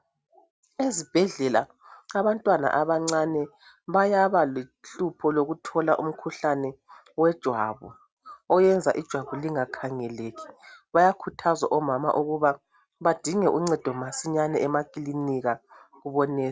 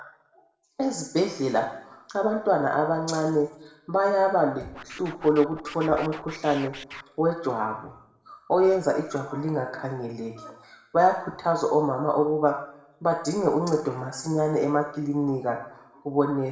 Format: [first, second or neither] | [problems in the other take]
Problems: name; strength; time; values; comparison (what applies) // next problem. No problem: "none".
first | background sound (Scratching (performance technique)); 16 dB below the speech // room echo; dies away in 0.7 s